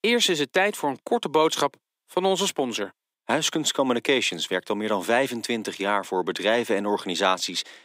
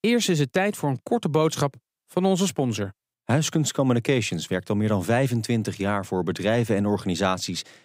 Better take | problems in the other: second | thin; somewhat; fading below 300 Hz

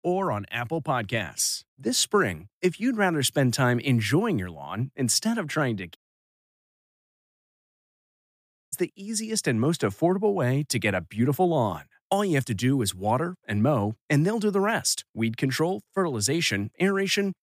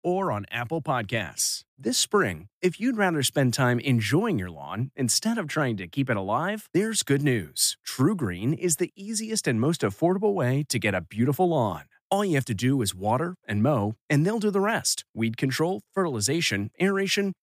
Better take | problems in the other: second | audio cutting out; at 6 s for 3 s

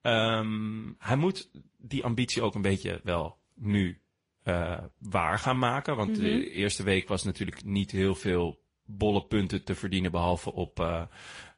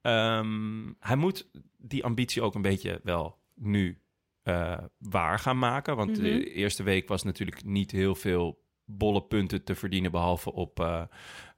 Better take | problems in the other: second | garbled, watery; slightly; nothing above 10.5 kHz

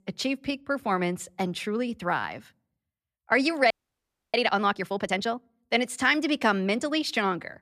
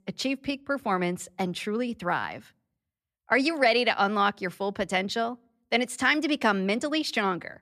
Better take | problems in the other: second | audio freezing; at 3.5 s for 0.5 s

